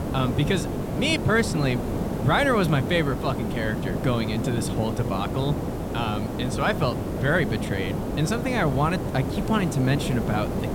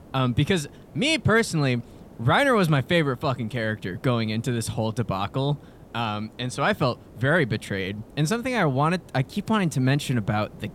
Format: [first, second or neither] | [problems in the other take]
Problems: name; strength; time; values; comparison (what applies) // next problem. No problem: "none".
second | hiss; loud; throughout; 3 dB below the speech; faint in the second